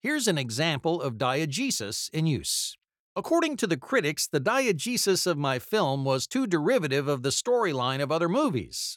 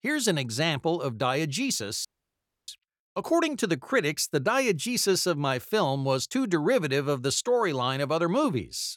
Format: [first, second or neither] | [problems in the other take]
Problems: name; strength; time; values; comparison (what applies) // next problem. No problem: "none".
first | audio cutting out; at 2 s for 0.5 s